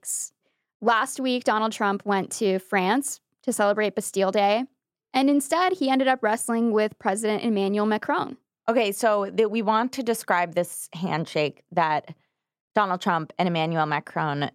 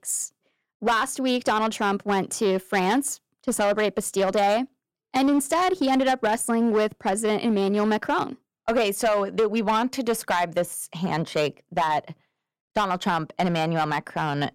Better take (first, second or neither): first